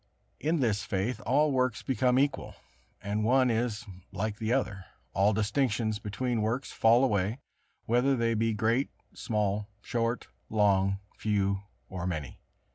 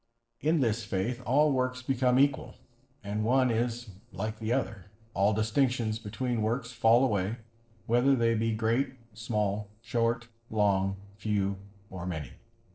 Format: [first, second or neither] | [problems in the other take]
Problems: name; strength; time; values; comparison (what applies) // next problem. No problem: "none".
first | noise reduction (neural separator model SepFormer DNS4)